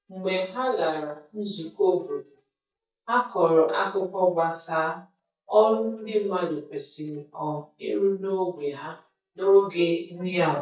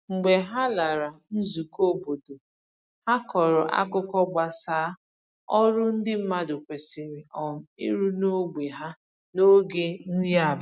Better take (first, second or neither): second